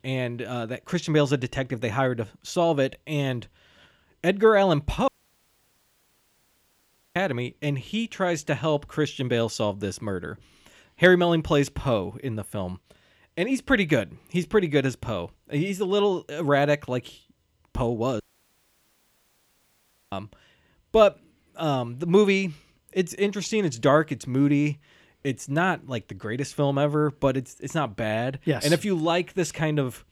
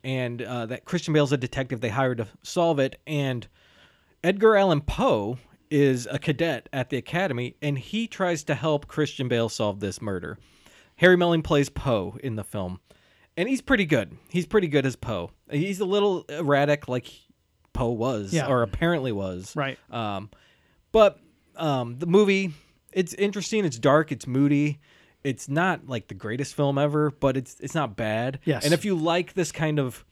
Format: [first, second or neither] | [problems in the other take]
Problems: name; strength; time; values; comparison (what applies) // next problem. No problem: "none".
second | audio cutting out; at 5 s for 2 s and at 18 s for 2 s